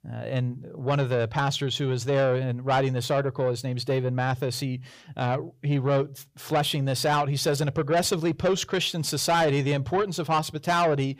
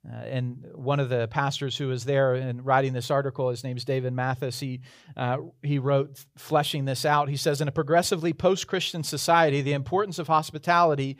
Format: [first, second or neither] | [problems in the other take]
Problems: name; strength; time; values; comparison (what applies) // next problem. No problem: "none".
second | distortion; slight; 10 dB below the speech